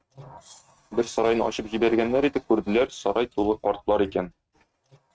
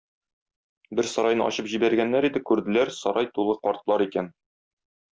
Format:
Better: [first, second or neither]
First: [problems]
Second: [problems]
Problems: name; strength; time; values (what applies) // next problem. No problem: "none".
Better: second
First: noise reduction (neural mask model RNNoise)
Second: none